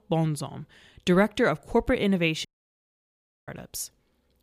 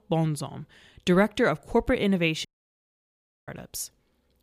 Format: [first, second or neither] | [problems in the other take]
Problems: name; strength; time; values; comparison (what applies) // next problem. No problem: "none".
neither | audio cutting out; at 2.5 s for 1 s; the same in both